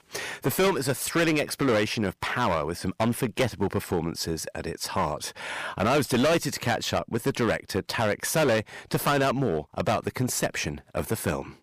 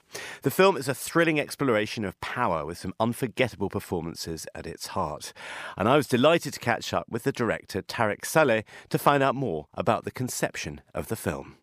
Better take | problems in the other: second | distortion; heavy; 11% of the sound clipped

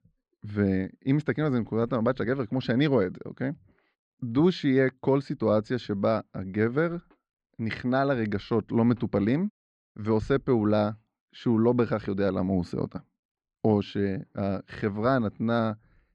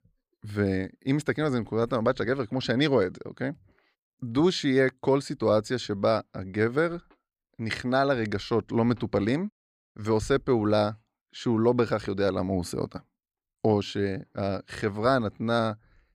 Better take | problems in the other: second | muffled; very slightly; fading above 3.5 kHz

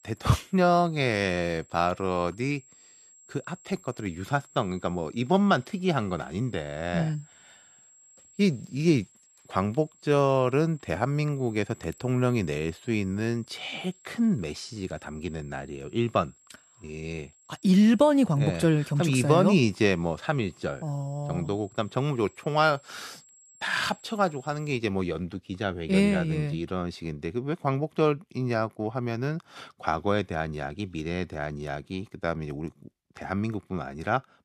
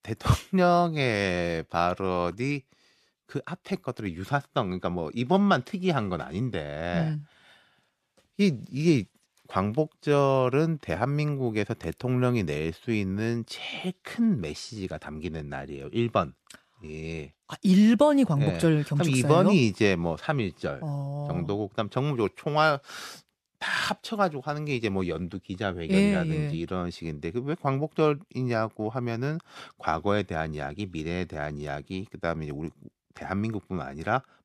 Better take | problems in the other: second | high-pitched whine; faint; until 25 s; 7.5 kHz, 25 dB below the speech

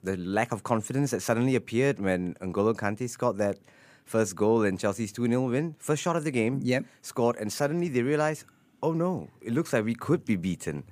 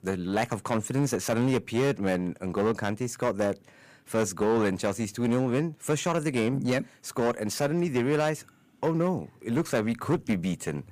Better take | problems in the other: first | distortion; slight; 8% of the sound clipped

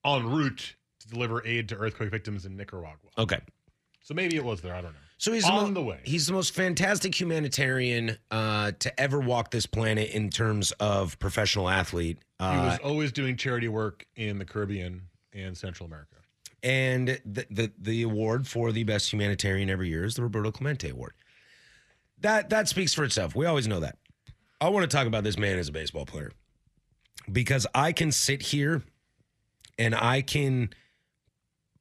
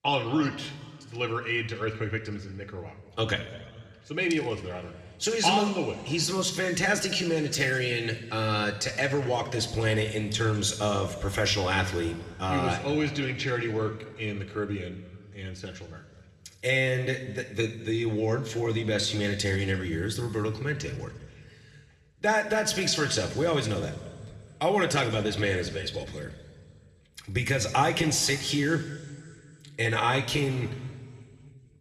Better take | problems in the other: first | room echo; slight; dies away in 1.6 s

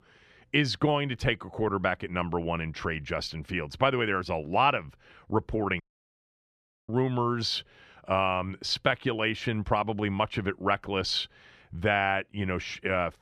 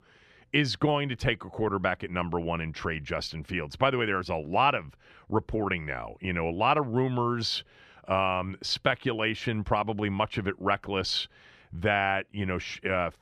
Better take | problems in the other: second | audio cutting out; at 6 s for 1 s

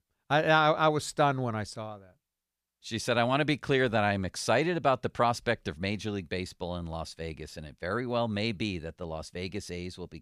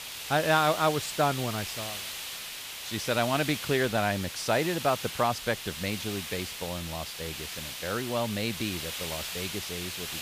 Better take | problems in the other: first | hiss; loud; throughout; 6 dB below the speech

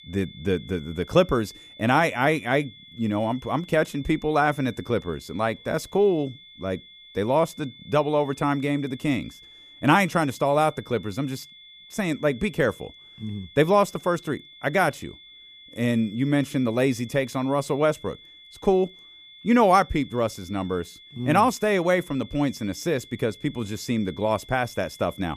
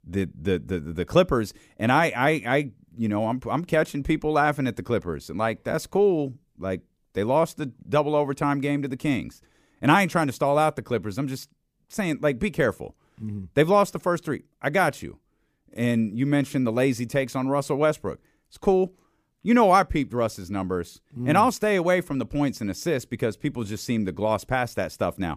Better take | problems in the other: second | high-pitched whine; faint; throughout; 3.5 kHz, 20 dB below the speech

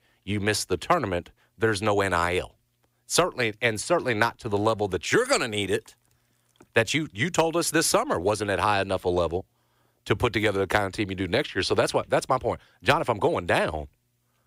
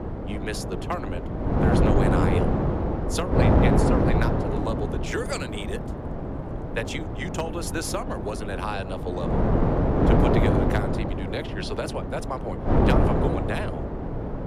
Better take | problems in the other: first | wind noise on the microphone; heavy; 3 dB above the speech

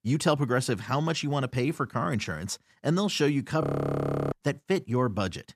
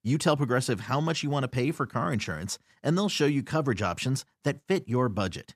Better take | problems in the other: second | audio freezing; at 3.5 s for 0.5 s

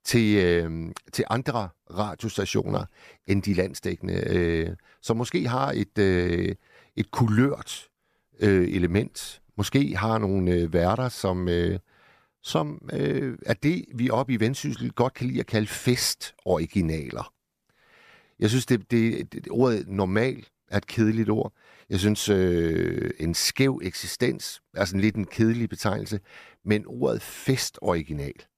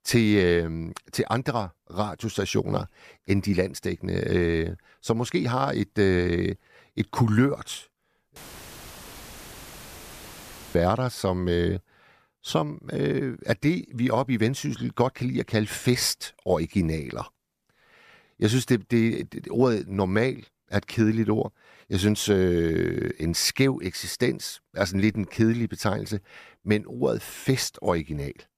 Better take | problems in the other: first | audio cutting out; filled with static; at 8.5 s for 2.5 s

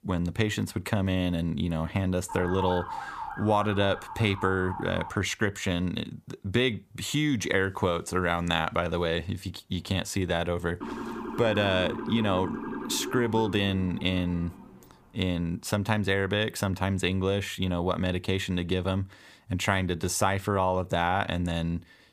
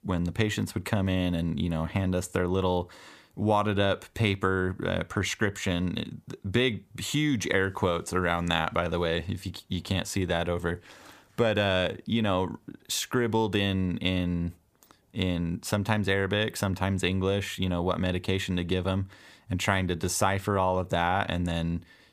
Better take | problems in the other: second | siren; noticeable; from 2.5 to 5 s and from 11 to 15 s; peak 7 dB below the speech

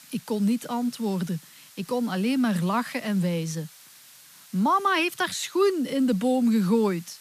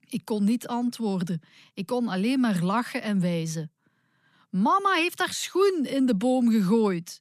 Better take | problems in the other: second | hiss; faint; throughout; 25 dB below the speech

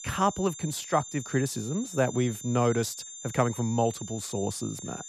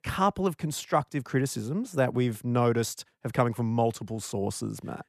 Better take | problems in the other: second | high-pitched whine; noticeable; throughout; 7 kHz, 10 dB below the speech

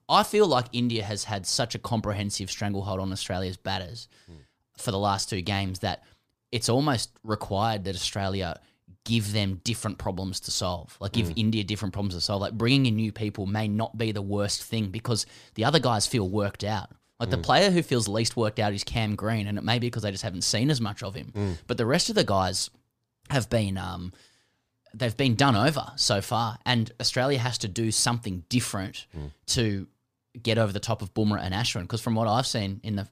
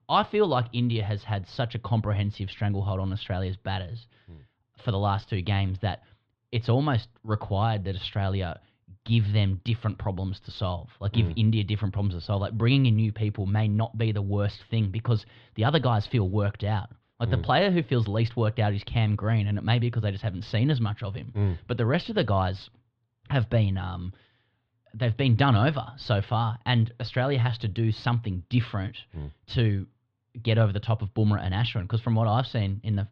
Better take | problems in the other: first | muffled; slightly; fading above 3.5 kHz

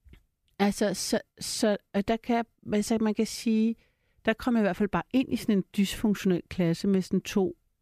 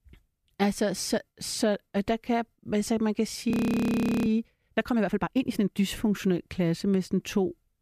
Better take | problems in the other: first | audio freezing; at 3.5 s for 1 s

